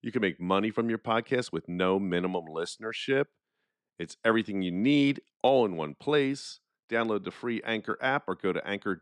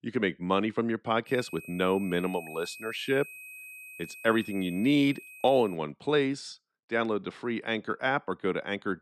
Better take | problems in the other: first | high-pitched whine; noticeable; from 1.5 to 6 s; 2.5 kHz, 15 dB below the speech

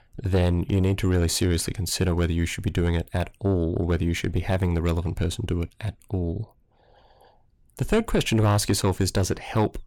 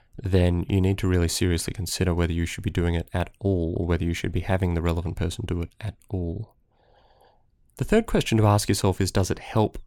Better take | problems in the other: second | distortion; slight; 10 dB below the speech

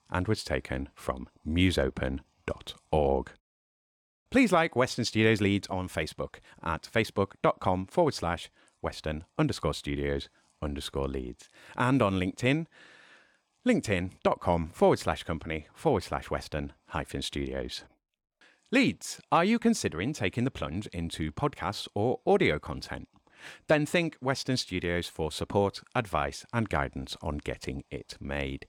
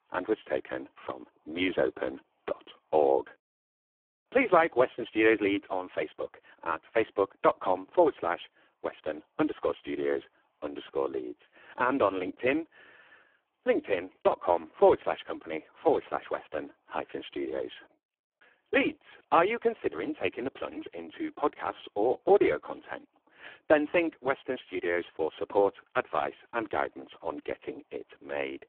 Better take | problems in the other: first | phone-call audio; poor line

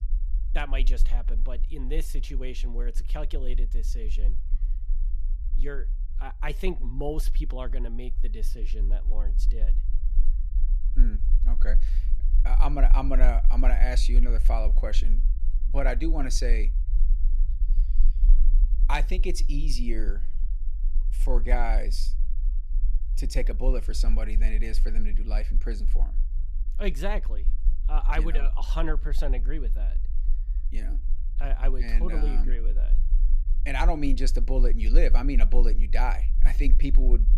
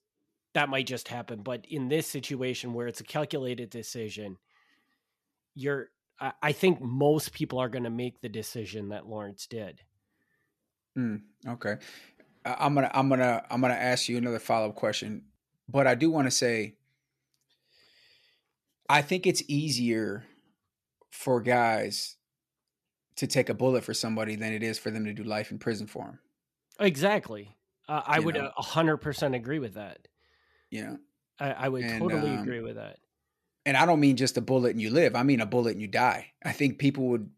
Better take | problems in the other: second | low rumble; noticeable; throughout; 20 dB below the speech

